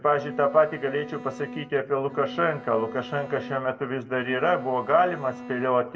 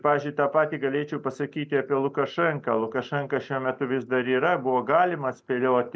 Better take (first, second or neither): second